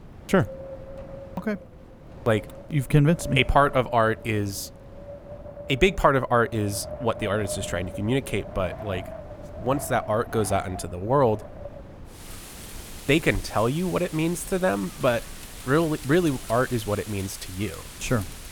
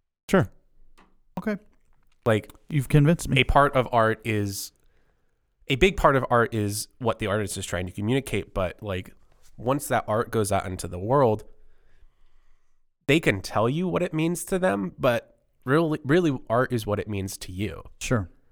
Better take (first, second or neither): second